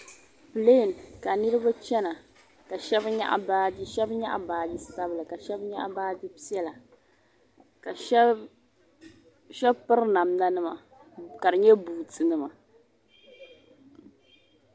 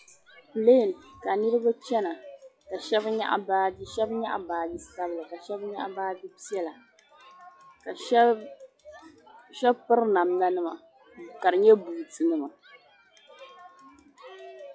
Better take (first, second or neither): first